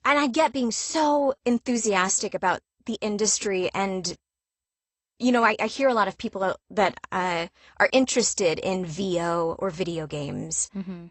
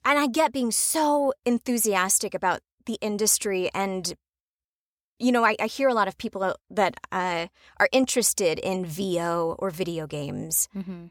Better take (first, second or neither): second